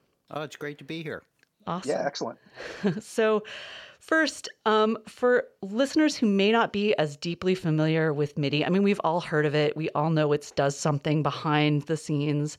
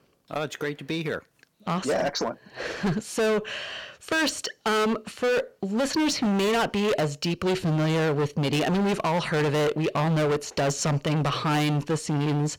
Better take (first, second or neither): first